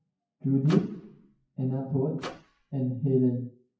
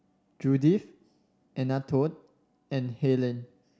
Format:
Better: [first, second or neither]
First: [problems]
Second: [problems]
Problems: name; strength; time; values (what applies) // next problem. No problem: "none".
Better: second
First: noise reduction (classical method WPE with log-MMSE)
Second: none